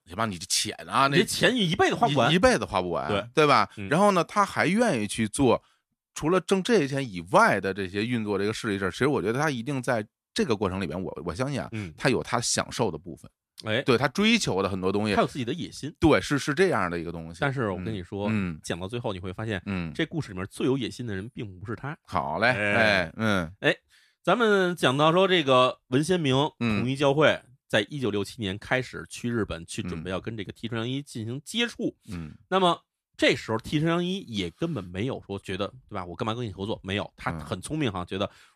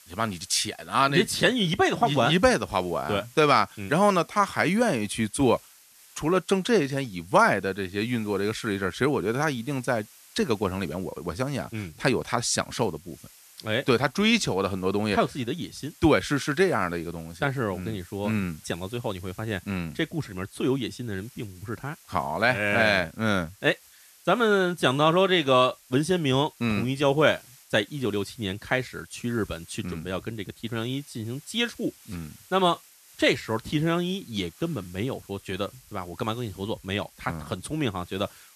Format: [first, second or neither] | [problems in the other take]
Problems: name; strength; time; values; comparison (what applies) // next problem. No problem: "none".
first | hiss; faint; throughout; 25 dB below the speech